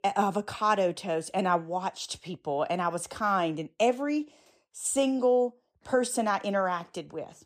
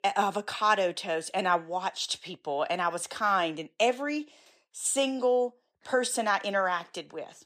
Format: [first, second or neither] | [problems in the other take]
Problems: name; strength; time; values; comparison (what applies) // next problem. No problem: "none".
first | thin; very slightly; fading below 400 Hz